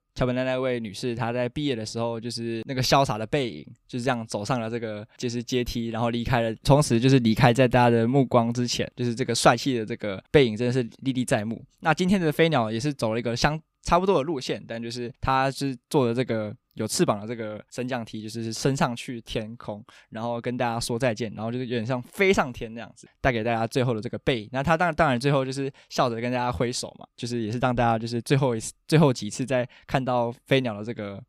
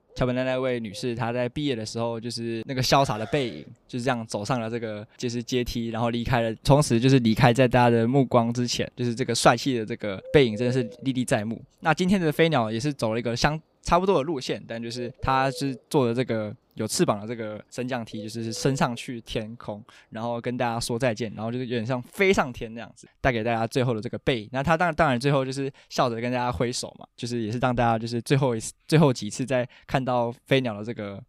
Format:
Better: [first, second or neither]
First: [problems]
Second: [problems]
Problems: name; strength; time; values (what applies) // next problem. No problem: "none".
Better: first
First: none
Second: animal sounds; noticeable; throughout; 20 dB below the speech